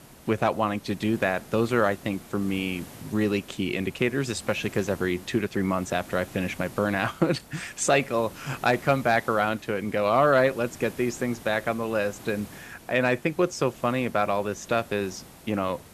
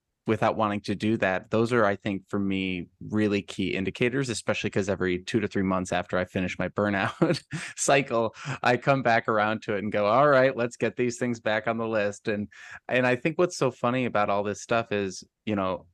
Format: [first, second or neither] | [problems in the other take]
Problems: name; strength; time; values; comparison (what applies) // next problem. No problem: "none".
second | hiss; noticeable; throughout; 20 dB below the speech